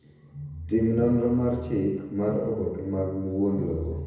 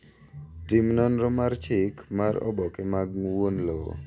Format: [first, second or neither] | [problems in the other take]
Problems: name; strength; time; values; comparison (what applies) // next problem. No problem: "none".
second | room echo; dies away in 1 s